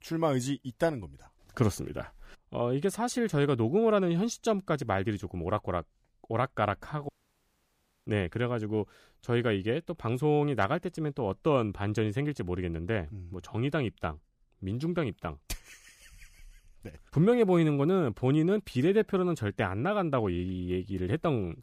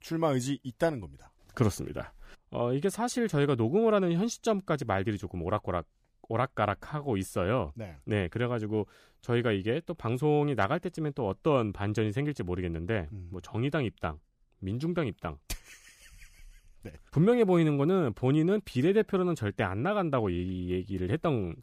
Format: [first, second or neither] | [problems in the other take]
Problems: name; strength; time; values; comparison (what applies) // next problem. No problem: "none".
second | audio cutting out; at 7 s for 1 s